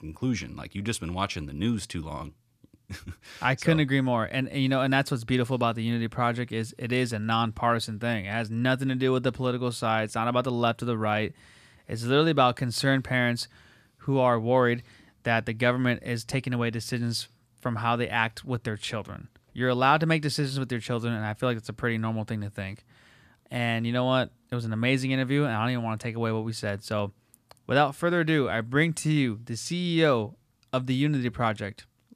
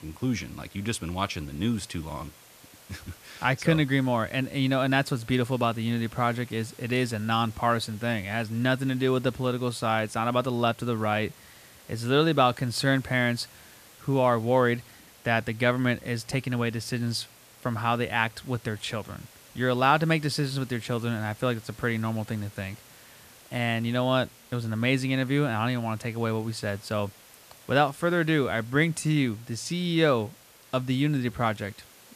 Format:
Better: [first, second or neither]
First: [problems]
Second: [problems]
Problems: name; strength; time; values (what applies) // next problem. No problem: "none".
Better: first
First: none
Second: hiss; faint; throughout; 25 dB below the speech